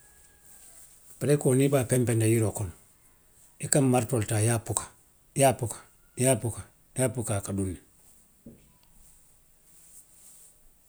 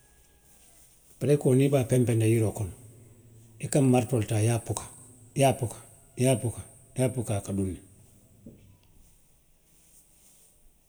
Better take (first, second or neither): first